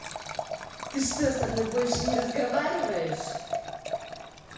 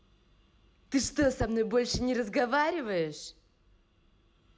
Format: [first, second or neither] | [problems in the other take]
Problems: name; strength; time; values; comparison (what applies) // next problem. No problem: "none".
second | background sound (Liquid); 3 dB below the speech // room echo; dies away in 1.1 s